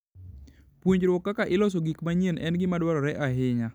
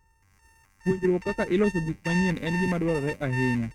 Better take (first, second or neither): first